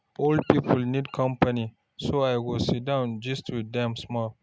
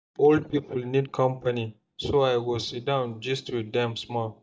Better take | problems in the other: first | noise reduction (neural mask model DeepFilterNet 3)

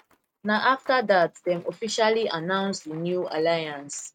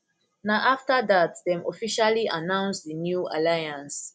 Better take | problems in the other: second | noise reduction (neural mask model RNNoise)

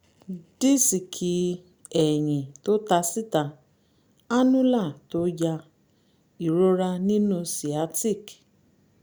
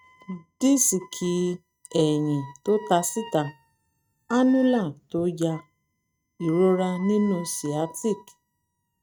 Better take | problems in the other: first | noise reduction (neural mask model RNNoise)

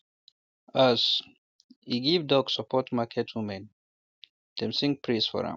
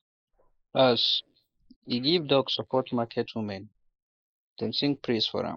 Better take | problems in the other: first | noise reduction (neural mask model Resemble Enhance denoiser)

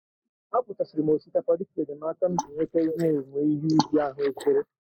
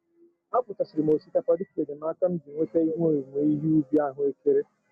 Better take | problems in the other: second | noise reduction (neural mask model Resemble Enhance denoiser)

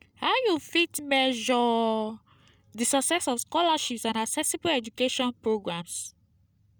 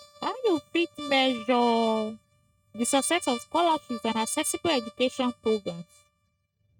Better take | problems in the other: first | noise reduction (neural mask model RNNoise)

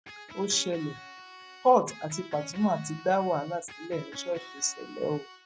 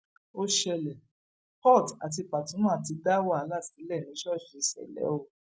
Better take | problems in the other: second | background sound (Electric guitar); 17 dB below the speech

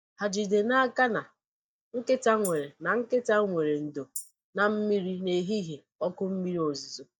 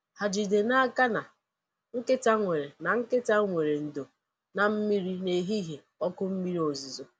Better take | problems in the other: second | noise reduction (neural mask model DeepFilterNet 3)

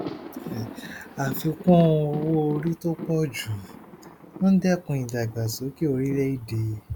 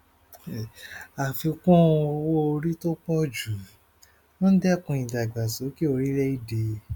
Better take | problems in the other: second | background sound (Thunder); 14 dB below the speech

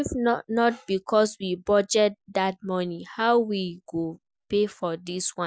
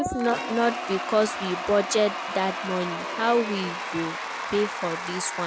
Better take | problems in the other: first | background sound (Applause / Crowd / Cheering); 5 dB below the speech

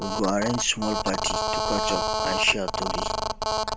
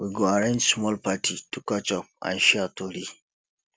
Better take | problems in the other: second | background sound (Telephone); 1 dB above the speech

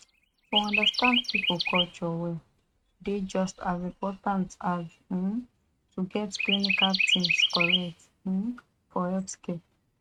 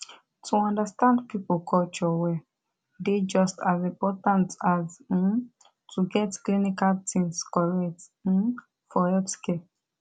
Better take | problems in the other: second | noise reduction (neural mask model RNNoise)

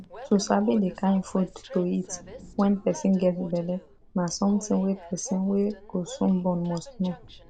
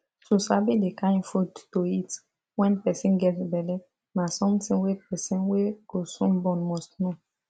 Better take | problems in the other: second | background sound (Train); 18 dB below the speech

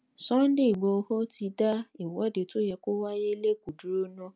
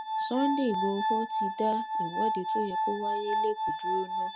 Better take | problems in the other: first | background sound (Glass); 2 dB above the speech

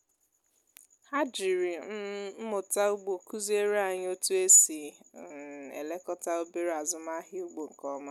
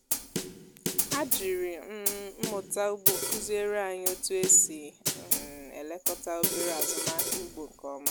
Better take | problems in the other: first | background sound (Snare drum); as loud as the speech

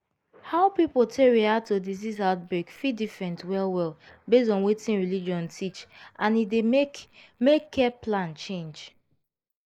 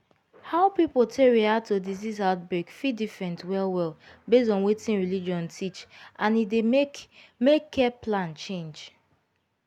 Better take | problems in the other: second | noise reduction (neural mask model Resemble Enhance denoiser)

